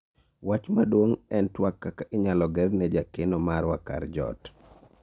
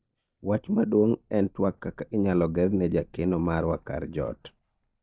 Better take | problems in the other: first | noise reduction (neural mask model DeepFilterNet 3)

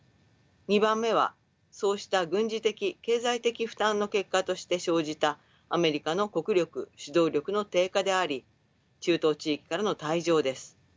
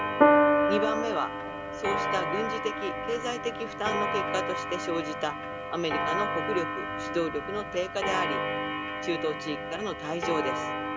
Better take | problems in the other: first | background sound (Clock + Piano); 4 dB above the speech

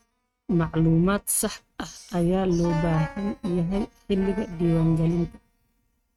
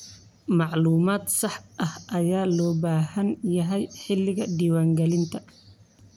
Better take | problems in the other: second | noise reduction (neural mask model RNNoise)

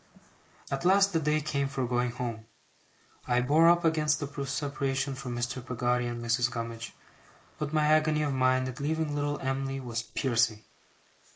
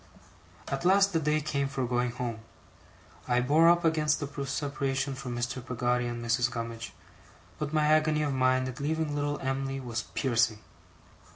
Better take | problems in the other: second | noise reduction (neural mask model Resemble Enhance denoiser)

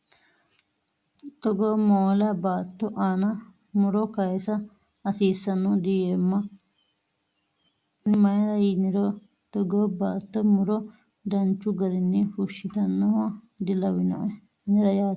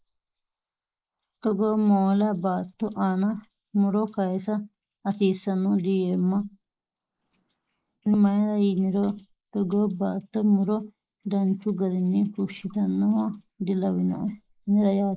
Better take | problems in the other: first | noise reduction (neural mask model Resemble Enhance denoiser)

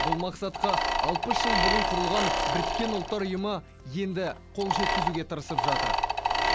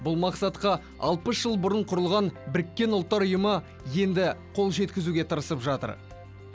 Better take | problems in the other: second | background sound (Mechanisms); 4 dB above the speech

